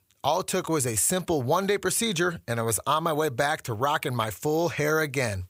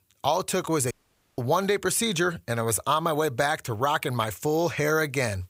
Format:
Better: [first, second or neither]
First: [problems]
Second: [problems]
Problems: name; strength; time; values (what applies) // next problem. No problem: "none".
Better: first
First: none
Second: audio cutting out; at 1 s